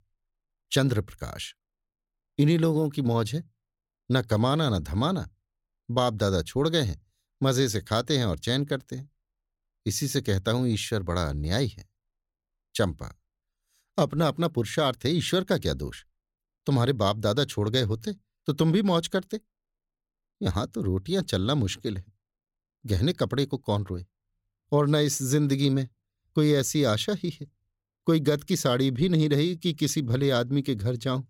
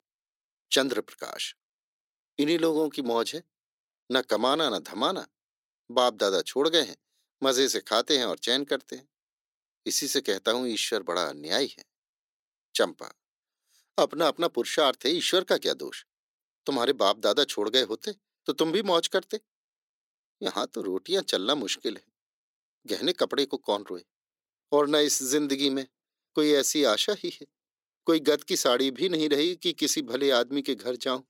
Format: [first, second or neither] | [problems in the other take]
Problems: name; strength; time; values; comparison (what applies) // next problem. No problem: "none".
first | thin; somewhat; fading below 300 Hz